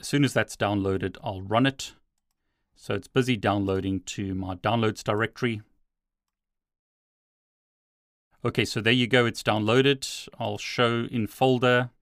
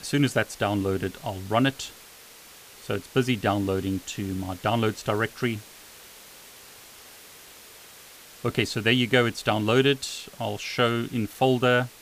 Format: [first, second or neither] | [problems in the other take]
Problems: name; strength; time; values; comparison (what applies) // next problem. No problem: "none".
first | hiss; faint; throughout; 20 dB below the speech